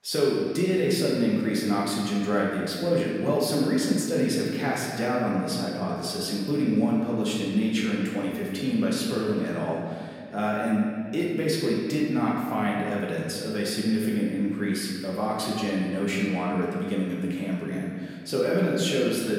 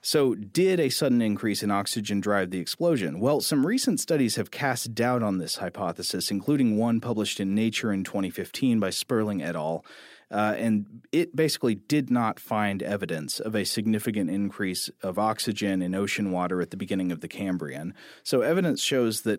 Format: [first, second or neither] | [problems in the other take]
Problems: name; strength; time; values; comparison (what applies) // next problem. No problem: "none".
second | room echo; noticeable; dies away in 1.9 s // off-mic speech; far